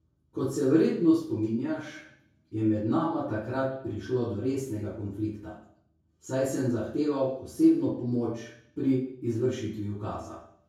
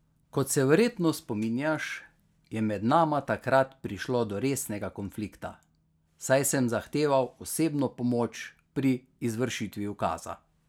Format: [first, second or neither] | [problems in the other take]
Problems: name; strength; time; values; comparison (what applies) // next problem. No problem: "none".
second | room echo; dies away in 0.6 s